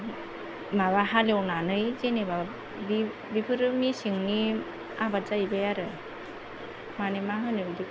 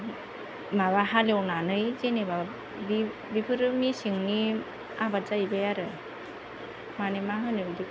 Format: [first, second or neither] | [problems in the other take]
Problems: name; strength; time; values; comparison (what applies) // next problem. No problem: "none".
second | background sound (Gong); 19 dB below the speech